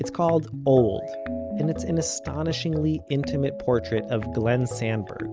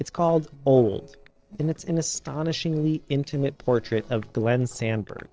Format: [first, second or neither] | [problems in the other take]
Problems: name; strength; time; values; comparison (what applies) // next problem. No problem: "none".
first | noise reduction (neural separator model SepFormer DNS4)